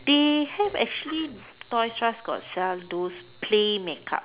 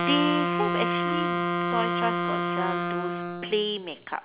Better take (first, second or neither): first